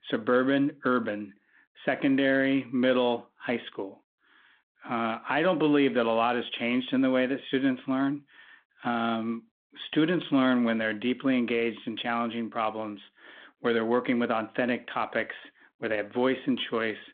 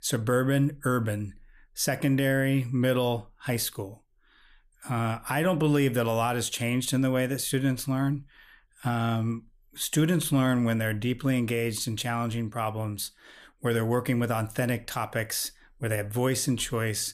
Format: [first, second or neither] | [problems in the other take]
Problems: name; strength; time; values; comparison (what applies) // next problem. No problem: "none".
second | phone-call audio